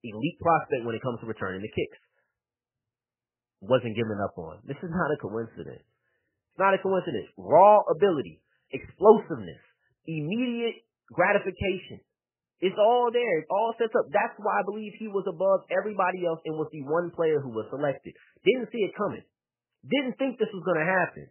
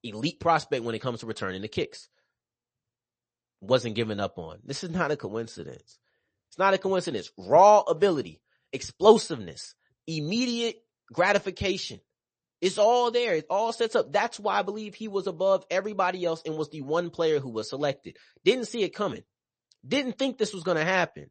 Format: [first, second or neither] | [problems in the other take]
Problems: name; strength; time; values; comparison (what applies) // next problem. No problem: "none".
second | garbled, watery; badly; nothing above 3 kHz; slightly in the second